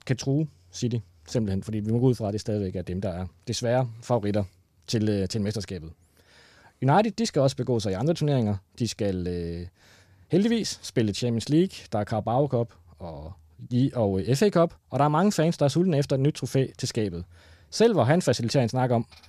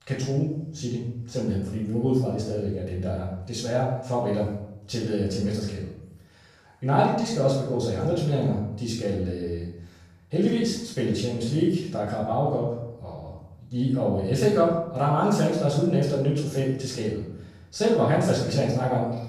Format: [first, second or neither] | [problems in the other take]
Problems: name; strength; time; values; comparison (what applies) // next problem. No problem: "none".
first | off-mic speech; far // room echo; noticeable; dies away in 0.7 s